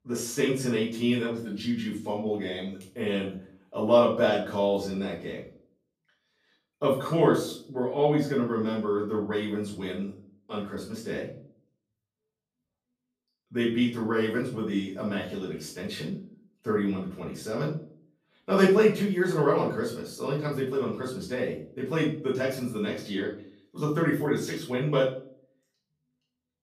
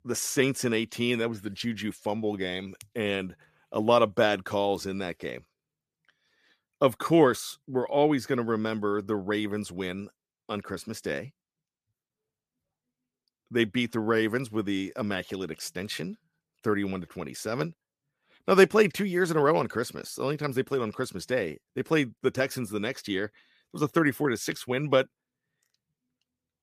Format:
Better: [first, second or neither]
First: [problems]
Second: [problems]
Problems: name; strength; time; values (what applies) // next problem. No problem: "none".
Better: second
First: off-mic speech; far // room echo; noticeable; dies away in 0.4 s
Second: none